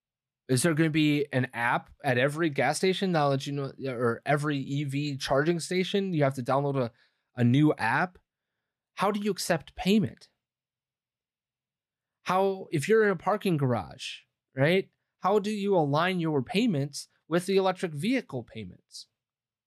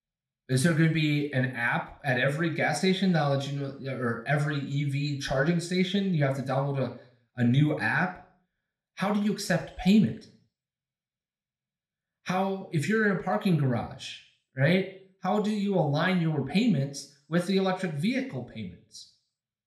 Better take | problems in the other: first | room echo; very slight; dies away in 0.5 s

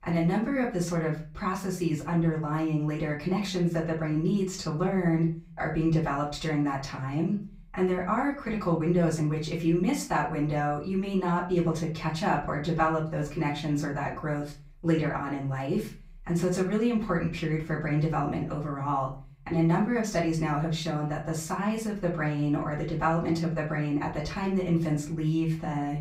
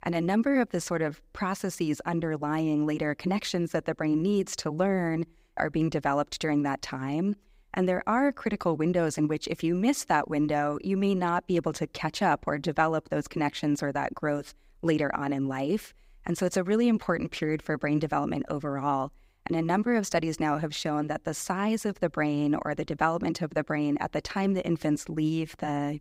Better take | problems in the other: second | room echo; slight; dies away in 0.4 s // off-mic speech; far

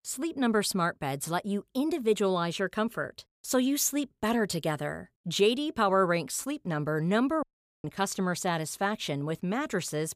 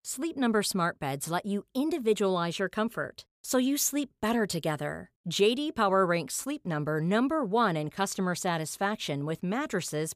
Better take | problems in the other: second | audio cutting out; at 7.5 s

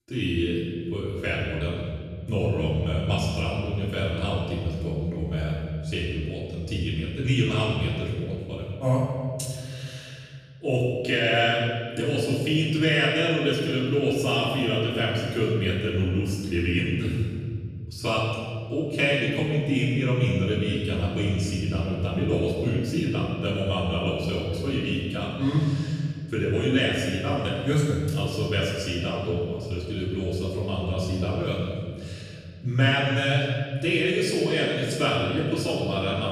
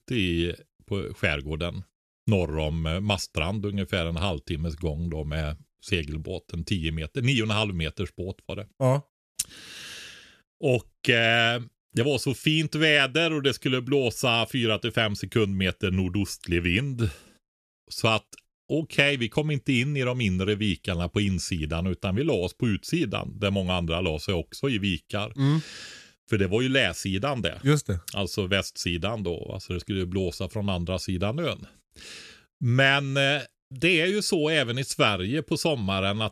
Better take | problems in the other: second | off-mic speech; far // room echo; noticeable; dies away in 2.3 s

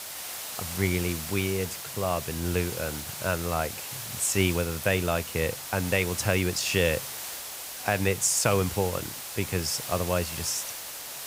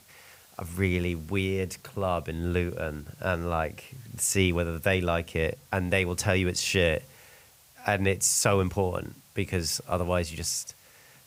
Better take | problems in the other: second | hiss; loud; throughout; 7 dB below the speech; faint in the second

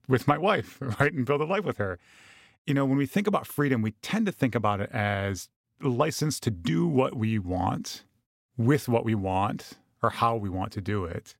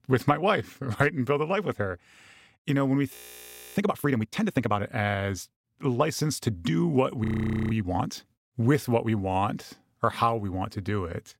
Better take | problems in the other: first | audio freezing; at 3 s for 0.5 s and at 7 s

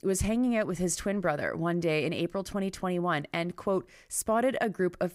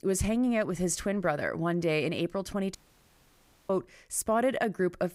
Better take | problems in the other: first | audio cutting out; at 3 s for 1 s

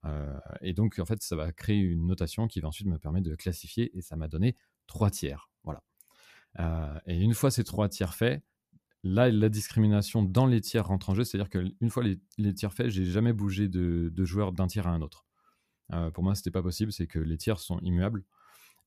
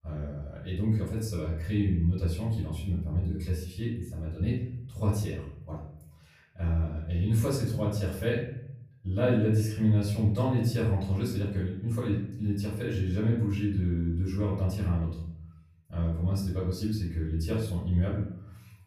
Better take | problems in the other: first | off-mic speech; far // room echo; noticeable; dies away in 0.7 s

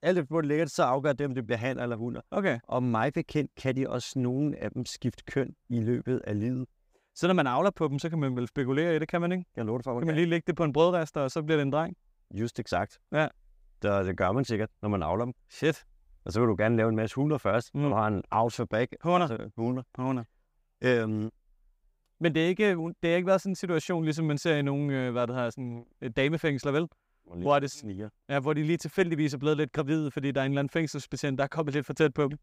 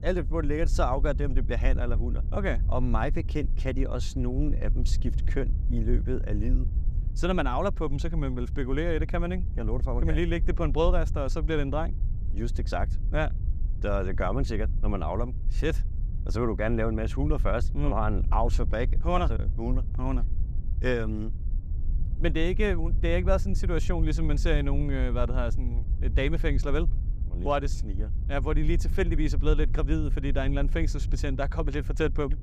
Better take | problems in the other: first | low rumble; noticeable; throughout; 15 dB below the speech

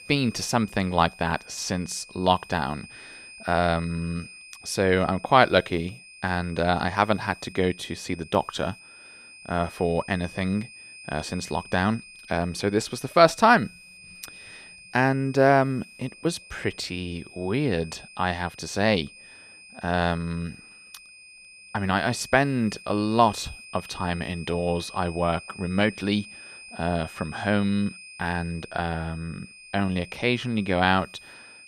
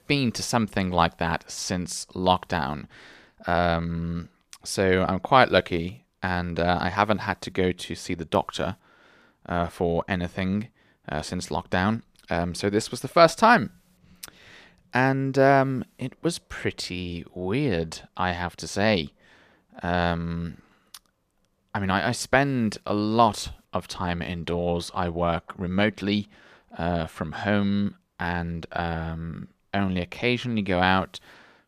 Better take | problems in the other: second | high-pitched whine; noticeable; throughout; 2.5 kHz, 20 dB below the speech

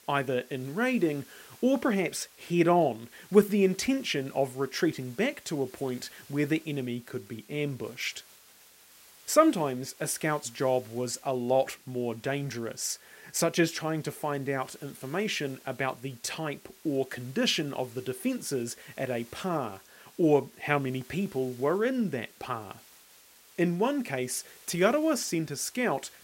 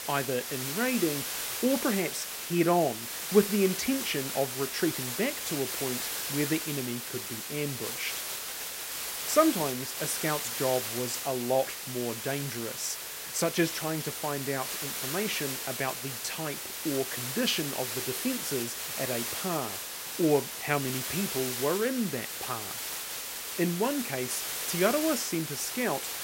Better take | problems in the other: first | hiss; loud; throughout; 2 dB below the speech; faint in the first

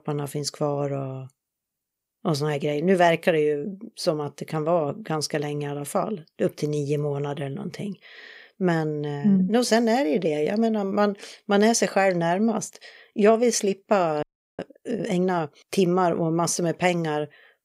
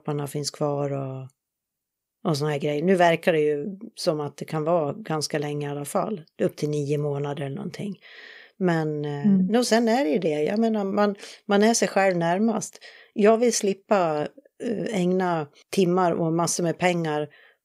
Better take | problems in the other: second | audio freezing; at 14 s

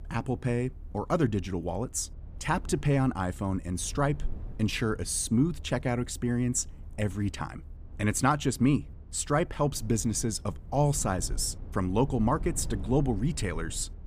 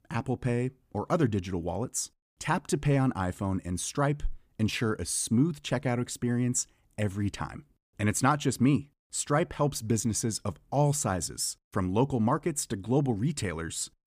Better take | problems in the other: second | low rumble; faint; throughout; 25 dB below the speech

